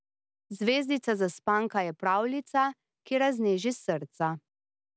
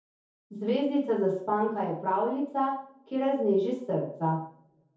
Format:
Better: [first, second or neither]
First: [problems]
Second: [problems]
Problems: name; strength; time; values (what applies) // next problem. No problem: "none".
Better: first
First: none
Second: room echo; dies away in 0.6 s